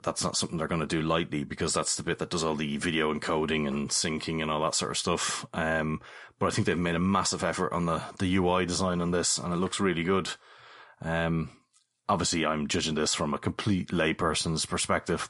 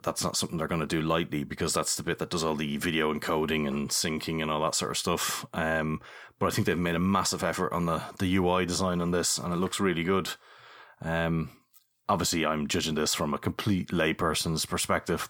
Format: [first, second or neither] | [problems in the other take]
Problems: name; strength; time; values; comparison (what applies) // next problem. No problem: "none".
second | garbled, watery; slightly; nothing above 11 kHz